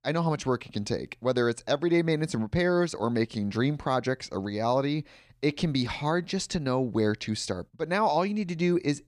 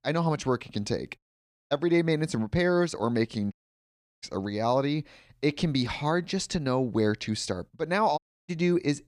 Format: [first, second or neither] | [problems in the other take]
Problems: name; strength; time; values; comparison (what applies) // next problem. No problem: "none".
first | audio cutting out; at 1 s for 0.5 s, at 3.5 s for 0.5 s and at 8 s